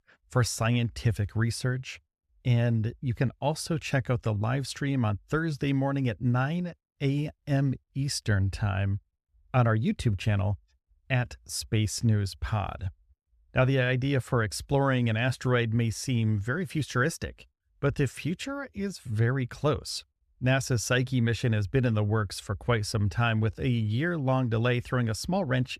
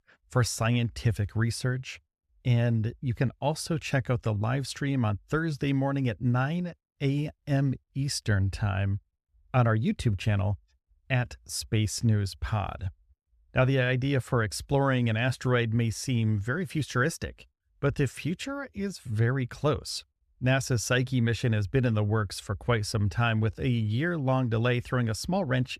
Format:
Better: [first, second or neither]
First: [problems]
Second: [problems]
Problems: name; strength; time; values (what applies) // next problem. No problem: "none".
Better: neither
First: none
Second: none